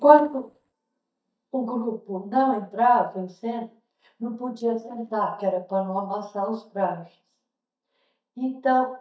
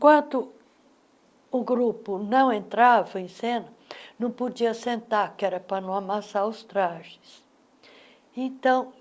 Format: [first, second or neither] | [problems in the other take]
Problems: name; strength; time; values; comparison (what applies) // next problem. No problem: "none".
second | noise reduction (neural mask model DeepFilterNet 3)